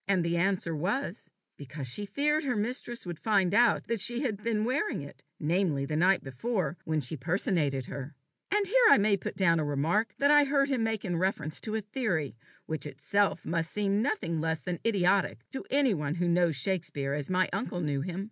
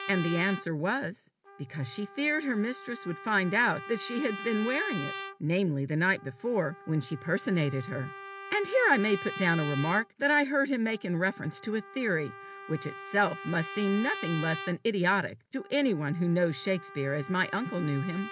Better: first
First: none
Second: background sound (Trumpet); 13 dB below the speech

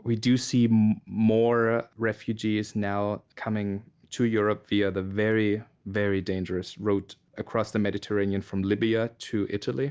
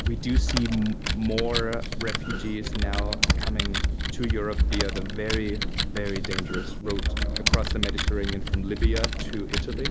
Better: first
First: none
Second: background sound (Computer keyboard); 5 dB above the speech

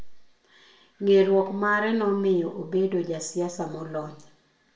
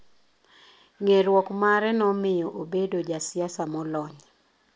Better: second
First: room echo; dies away in 0.4 s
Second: none

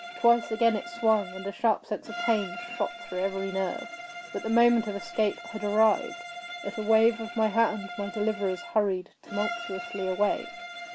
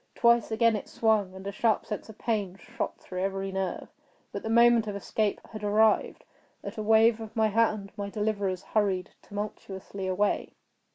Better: second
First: background sound (Bowed string instrument); 12 dB below the speech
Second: none

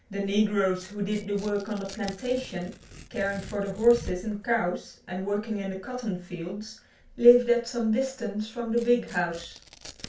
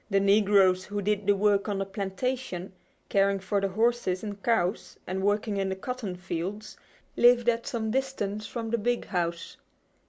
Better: second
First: background sound (Tearing); 20 dB below the speech // room echo; dies away in 0.3 s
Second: none

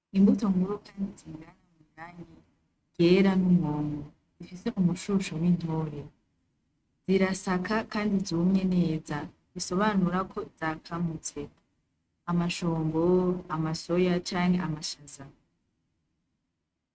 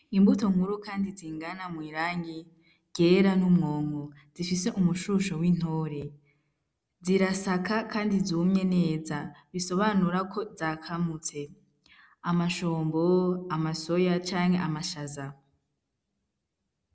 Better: second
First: noise reduction (neural mask model RNNoise)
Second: none

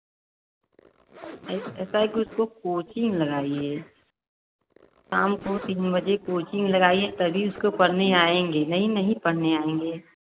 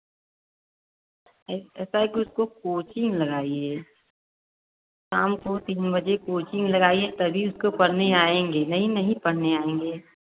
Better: second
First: background sound (Zipper (clothing)); 19 dB below the speech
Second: none

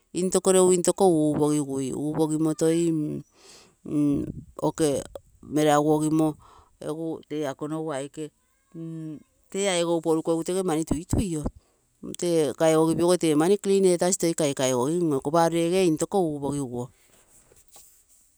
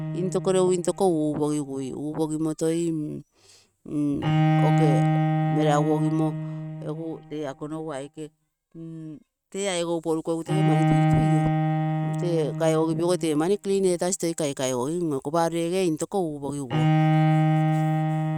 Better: first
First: none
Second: noise reduction (neural mask model RNNoise)

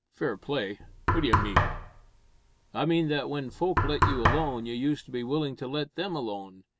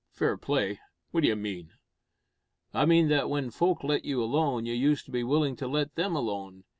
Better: second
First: background sound (Knock); 1 dB above the speech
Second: none

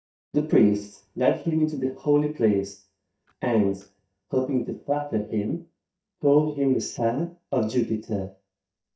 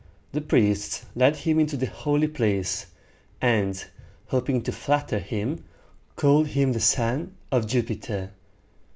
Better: second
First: noise reduction (neural mask model DeepFilterNet 3)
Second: none

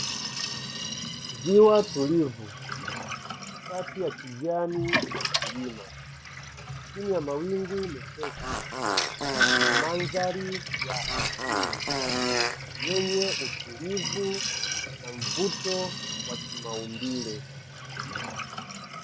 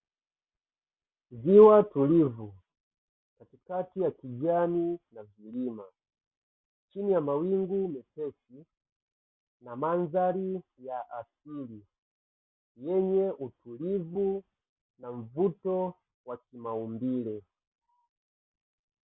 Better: second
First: background sound (Sink (filling or washing) + Fart); 1 dB below the speech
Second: none

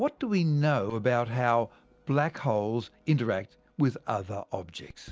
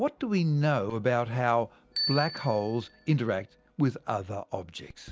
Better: first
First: none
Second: background sound (Bicycle bell); 13 dB below the speech

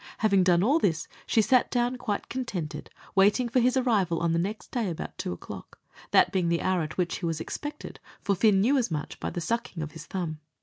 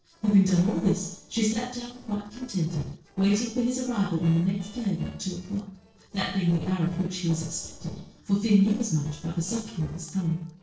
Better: first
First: none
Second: noise reduction (neural separator model SepFormer DNS4)

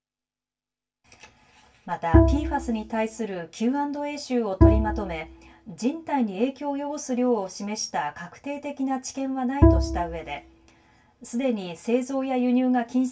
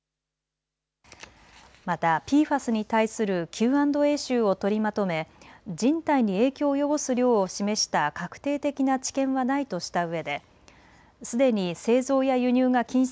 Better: second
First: background sound (Bowed string instrument); 4 dB above the speech // room echo; dies away in 0.2 s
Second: none

